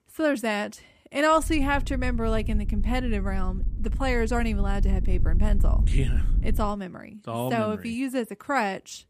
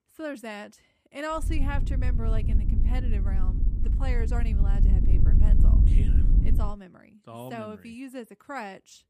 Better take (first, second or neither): first